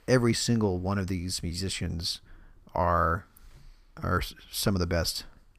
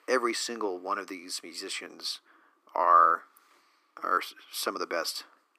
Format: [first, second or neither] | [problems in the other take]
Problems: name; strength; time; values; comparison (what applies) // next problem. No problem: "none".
first | thin; very; fading below 300 Hz